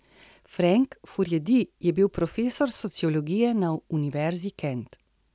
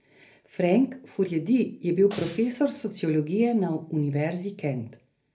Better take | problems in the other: first | background sound (Snare drum); 18 dB below the speech // room echo; dies away in 0.3 s

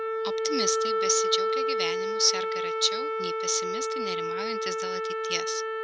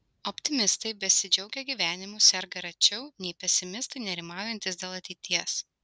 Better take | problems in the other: second | background sound (Wind instrument, woodwind instrument); 4 dB above the speech

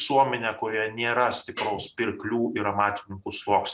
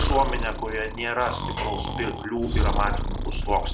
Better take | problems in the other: first | background sound (Breathing); 1 dB above the speech

